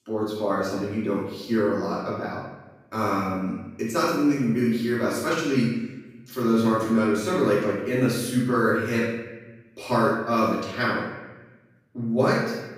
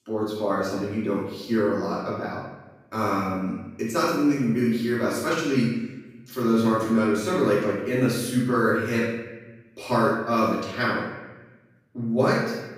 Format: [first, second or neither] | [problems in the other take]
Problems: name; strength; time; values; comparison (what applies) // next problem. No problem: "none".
neither | room echo; strong; dies away in 1 s; the same in both // off-mic speech; far; the same in both